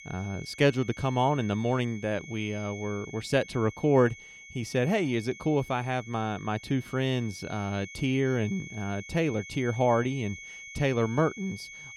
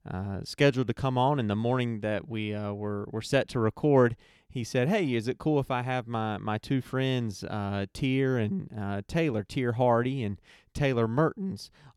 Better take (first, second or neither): second